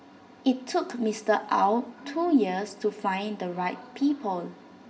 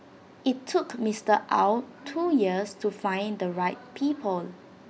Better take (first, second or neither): second